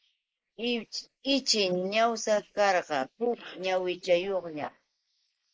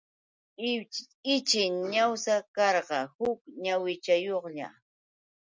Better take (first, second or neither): second